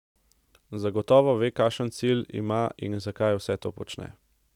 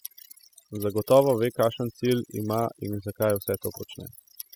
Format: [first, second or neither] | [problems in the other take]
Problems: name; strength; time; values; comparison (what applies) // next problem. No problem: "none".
first | noise reduction (classical method spectral subtraction)